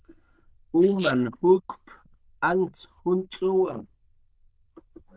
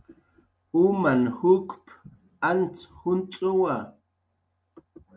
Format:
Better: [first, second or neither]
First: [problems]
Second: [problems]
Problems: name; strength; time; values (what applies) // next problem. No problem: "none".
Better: second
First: noise reduction (neural diffusion model UNIVERSE++)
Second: none